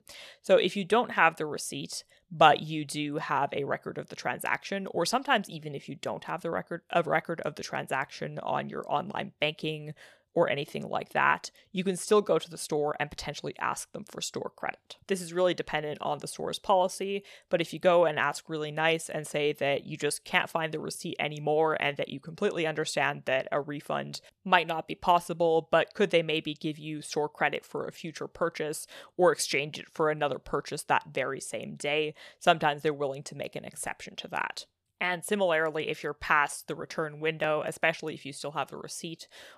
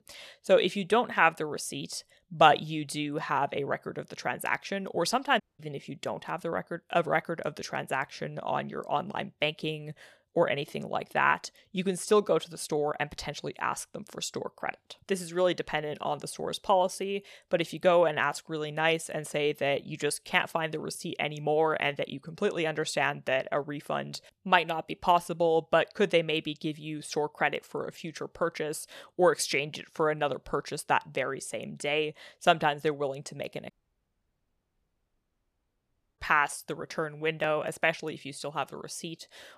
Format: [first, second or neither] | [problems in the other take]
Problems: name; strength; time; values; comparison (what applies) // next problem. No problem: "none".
first | audio cutting out; at 5.5 s and at 34 s for 2.5 s